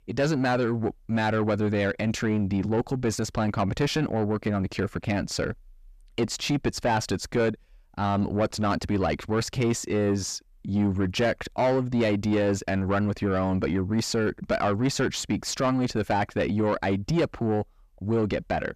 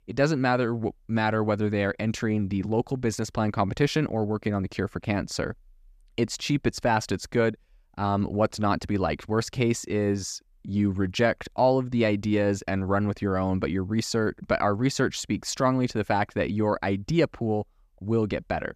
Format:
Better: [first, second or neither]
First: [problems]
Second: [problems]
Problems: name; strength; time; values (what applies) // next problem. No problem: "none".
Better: second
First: distortion; slight; 10 dB below the speech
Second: none